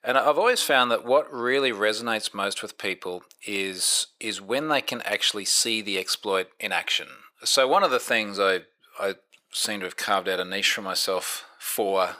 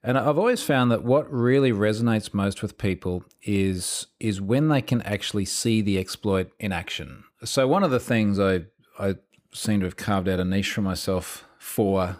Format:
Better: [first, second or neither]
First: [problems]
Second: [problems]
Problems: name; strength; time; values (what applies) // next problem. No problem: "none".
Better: second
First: thin; very; fading below 650 Hz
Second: none